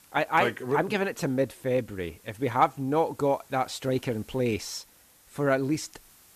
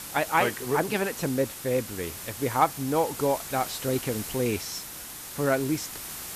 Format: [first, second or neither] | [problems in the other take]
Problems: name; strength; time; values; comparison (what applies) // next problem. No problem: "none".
first | hiss; loud; throughout; 8 dB below the speech; faint in the first